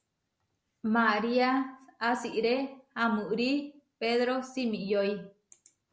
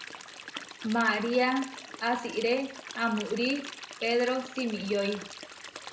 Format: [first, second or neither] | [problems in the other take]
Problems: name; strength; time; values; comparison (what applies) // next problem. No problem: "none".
first | background sound (Stream); 13 dB below the speech // room echo; dies away in 0.2 s